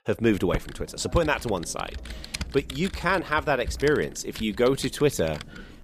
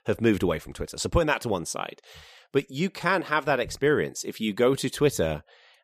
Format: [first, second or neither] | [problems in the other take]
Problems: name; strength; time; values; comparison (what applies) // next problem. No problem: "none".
second | keyboard typing; noticeable; peak 8 dB below the speech